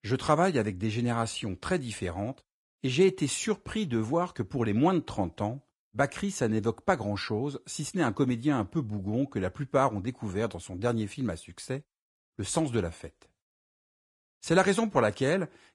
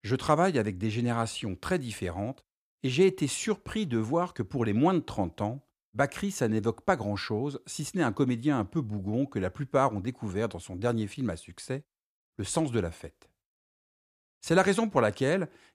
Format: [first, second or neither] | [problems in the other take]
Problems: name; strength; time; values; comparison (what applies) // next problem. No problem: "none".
second | garbled, watery; slightly; nothing above 10 kHz